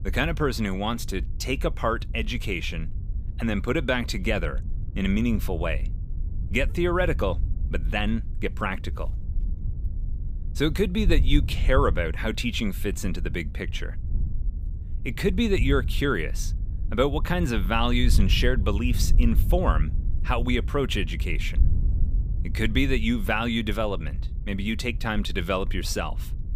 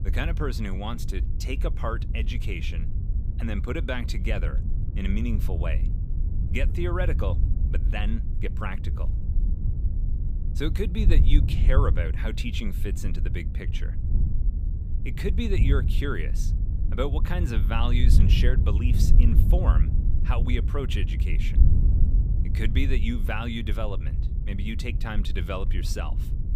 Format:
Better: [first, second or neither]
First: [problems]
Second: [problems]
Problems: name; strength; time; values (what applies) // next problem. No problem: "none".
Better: first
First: wind noise on the microphone; occasional gusts; 20 dB below the speech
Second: wind noise on the microphone; heavy; 9 dB below the speech